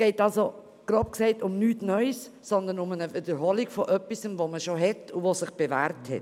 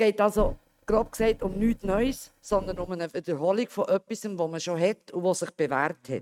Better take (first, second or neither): first